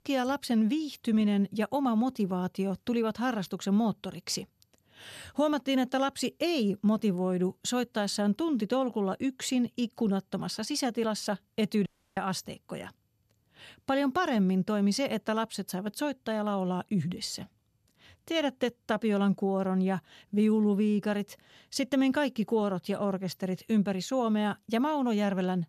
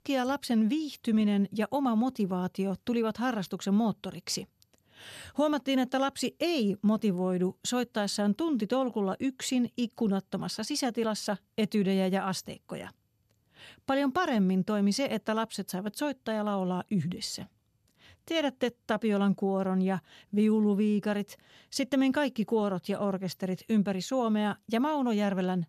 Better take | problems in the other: second | audio cutting out; at 12 s

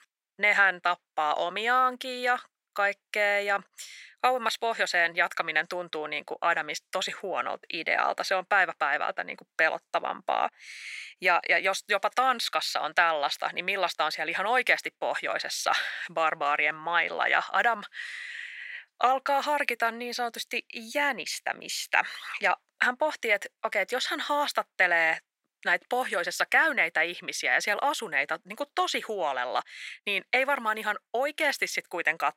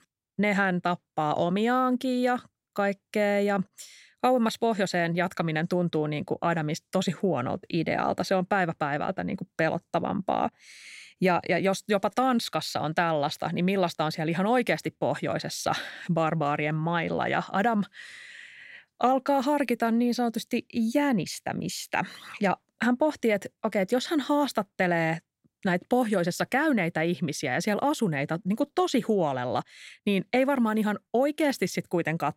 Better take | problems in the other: second | thin; very; fading below 650 Hz

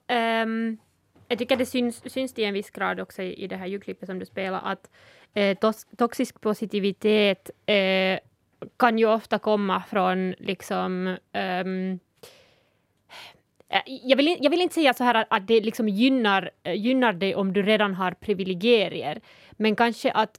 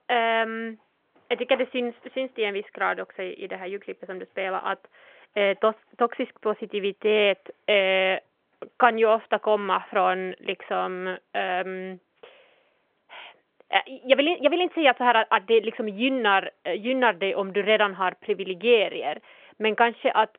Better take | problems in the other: first | phone-call audio; nothing above 3.5 kHz

